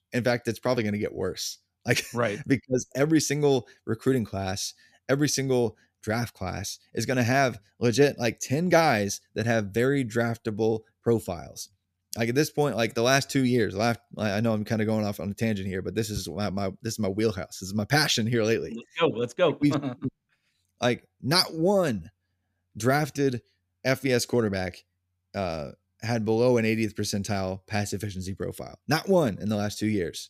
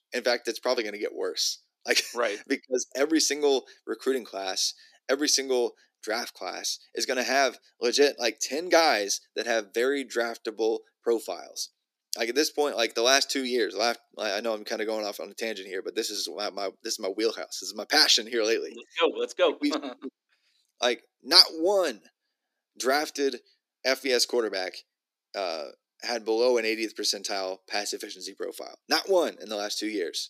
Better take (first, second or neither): first